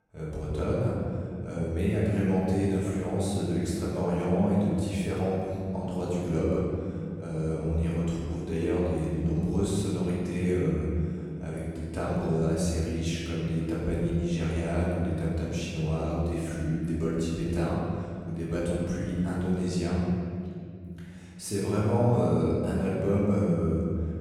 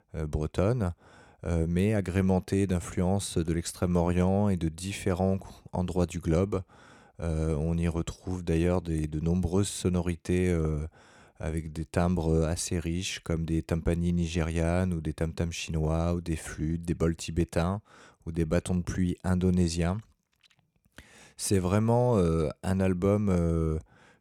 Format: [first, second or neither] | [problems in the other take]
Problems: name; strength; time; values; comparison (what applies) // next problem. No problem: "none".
second | off-mic speech; far // room echo; strong; dies away in 2.3 s